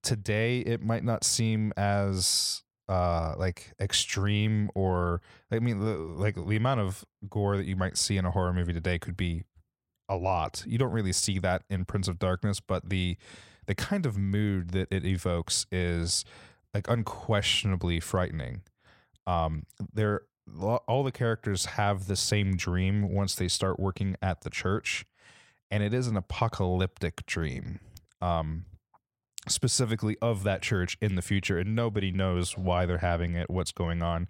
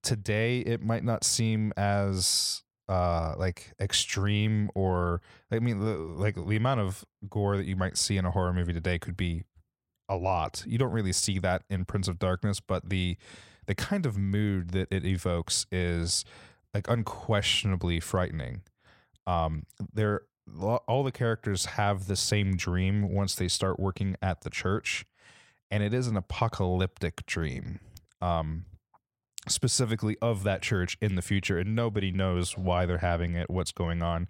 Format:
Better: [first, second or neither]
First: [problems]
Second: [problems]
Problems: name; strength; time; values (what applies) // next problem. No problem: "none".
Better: neither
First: none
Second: none